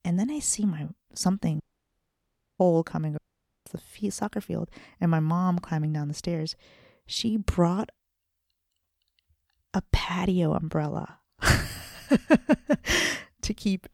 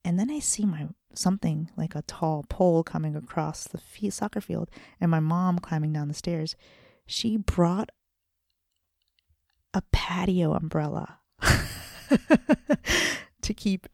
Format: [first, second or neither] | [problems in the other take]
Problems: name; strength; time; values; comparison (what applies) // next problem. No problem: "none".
second | audio cutting out; at 1.5 s for 1 s and at 3 s